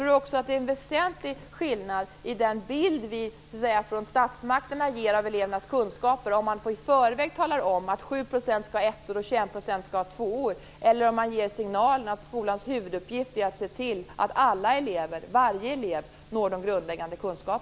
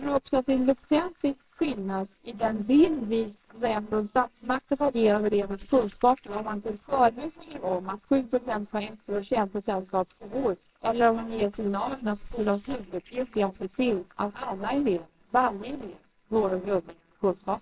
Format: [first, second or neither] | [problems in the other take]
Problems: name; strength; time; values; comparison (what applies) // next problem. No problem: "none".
first | noise reduction (neural separator model SepFormer WHAMR!)